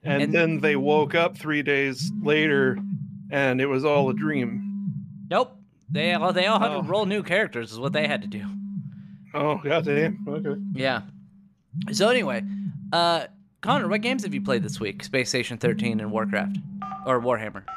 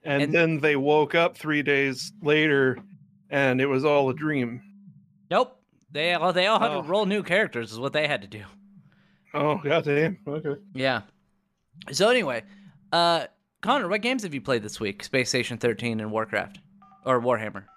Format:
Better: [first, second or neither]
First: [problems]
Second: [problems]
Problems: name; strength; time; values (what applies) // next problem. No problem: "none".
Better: second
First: alarms or sirens; loud; throughout; 8 dB below the speech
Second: alarms or sirens; faint; throughout; 30 dB below the speech